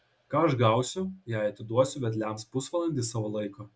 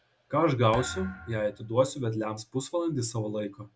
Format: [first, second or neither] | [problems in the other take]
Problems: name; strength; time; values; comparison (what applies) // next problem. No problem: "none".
first | background sound (Thump, thud); 14 dB below the speech